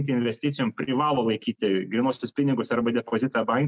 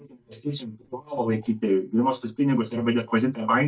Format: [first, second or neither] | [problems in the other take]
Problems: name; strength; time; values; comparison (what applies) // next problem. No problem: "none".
first | noise reduction (neural mask model DeepFilterNet 3)